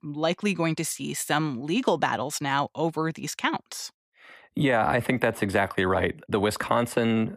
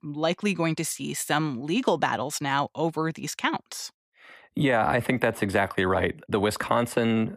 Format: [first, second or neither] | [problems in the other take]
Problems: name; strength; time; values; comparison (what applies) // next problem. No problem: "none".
neither | none